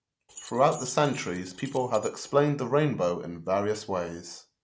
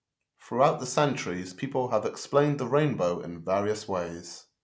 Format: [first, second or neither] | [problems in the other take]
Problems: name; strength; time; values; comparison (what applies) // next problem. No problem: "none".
second | background sound (Keys jangling); 18 dB below the speech